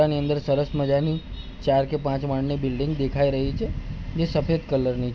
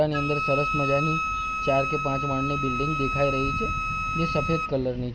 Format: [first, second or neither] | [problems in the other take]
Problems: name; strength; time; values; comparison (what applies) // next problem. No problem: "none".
first | background sound (Wind instrument, woodwind instrument); 2 dB below the speech